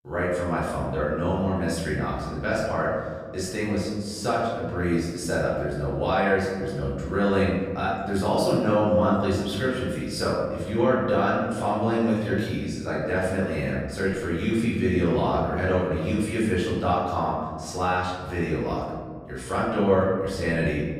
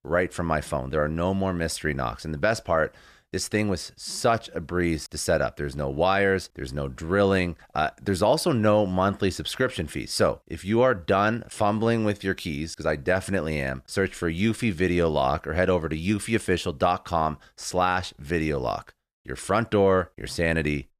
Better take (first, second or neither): second